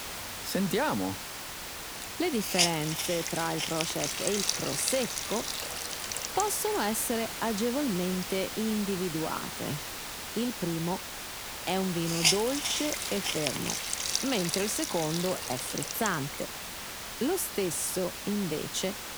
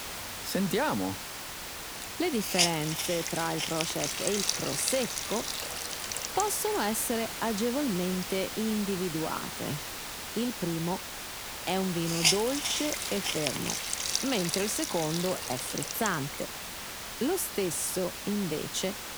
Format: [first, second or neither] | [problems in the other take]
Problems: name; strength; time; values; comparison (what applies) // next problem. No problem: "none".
neither | hiss; loud; throughout; 1 dB below the speech; the same in both